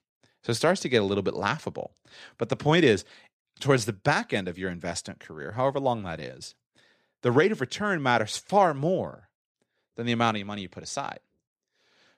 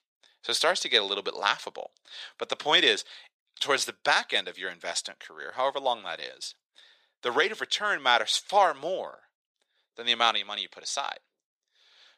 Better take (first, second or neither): first